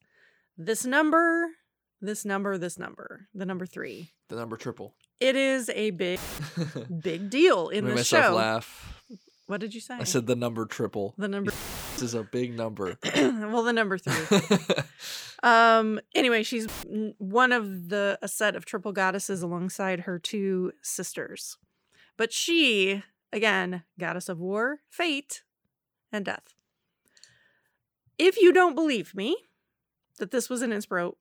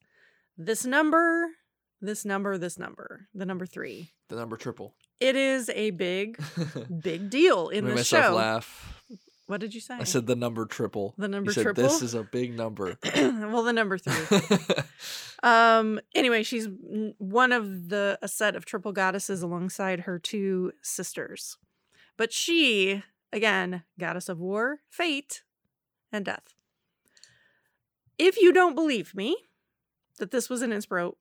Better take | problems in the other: second | audio cutting out; filled with static; at 6 s, at 12 s and at 17 s

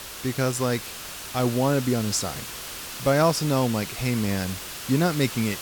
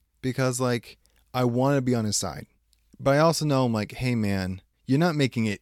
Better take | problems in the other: second | hiss; loud; throughout; 9 dB below the speech

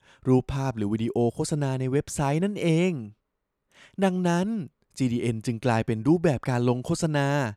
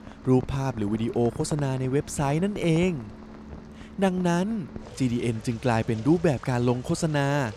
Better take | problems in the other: first | rain or running water; noticeable; throughout; 15 dB below the speech

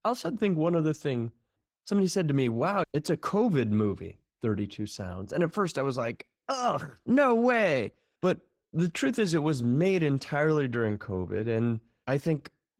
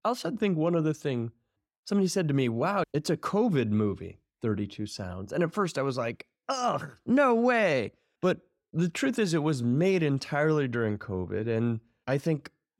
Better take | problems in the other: second | garbled, watery; slightly; nothing above 16 kHz

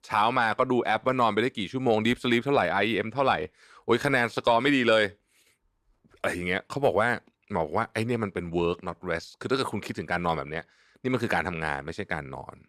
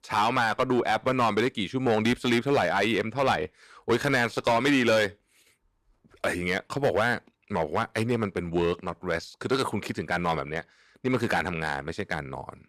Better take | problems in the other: first | distortion; slight; 5% of the sound clipped

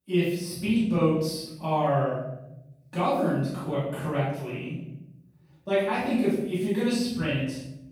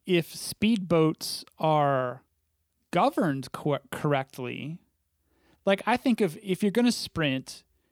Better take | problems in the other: second | off-mic speech; far // room echo; strong; dies away in 1 s

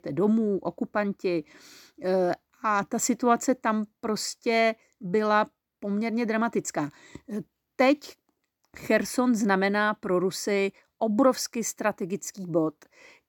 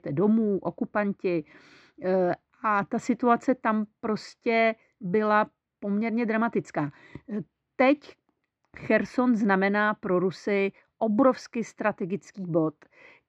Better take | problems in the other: first | muffled; slightly; fading above 2.5 kHz

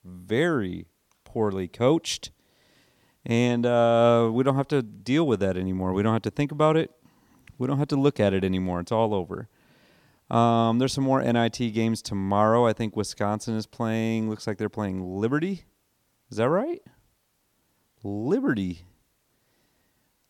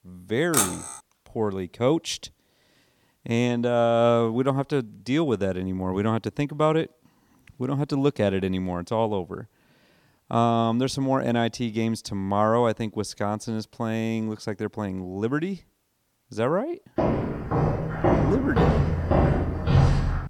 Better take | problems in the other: first | clattering dishes; loud; at 0.5 s; peak 2 dB above the speech // footsteps; loud; from 17 s on; peak 5 dB above the speech

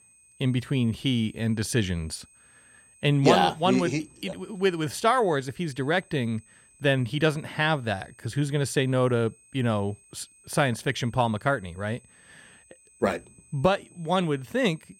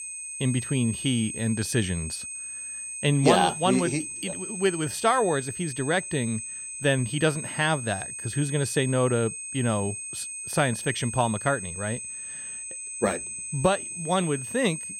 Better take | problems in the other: first | high-pitched whine; loud; throughout; 8 kHz, 7 dB below the speech; faint in the first

